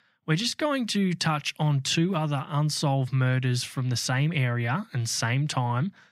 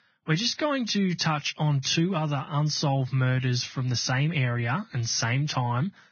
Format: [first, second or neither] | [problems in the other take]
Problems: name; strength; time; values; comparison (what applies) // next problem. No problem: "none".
first | garbled, watery; badly; nothing above 6.5 kHz